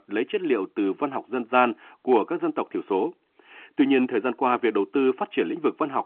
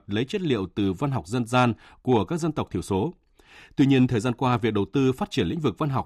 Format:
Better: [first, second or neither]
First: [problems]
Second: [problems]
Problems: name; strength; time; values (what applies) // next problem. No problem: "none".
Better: second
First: phone-call audio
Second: none